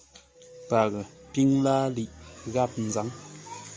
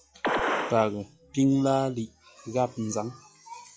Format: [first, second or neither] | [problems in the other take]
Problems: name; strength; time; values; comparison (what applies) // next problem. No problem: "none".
first | noise reduction (classical method log-MMSE)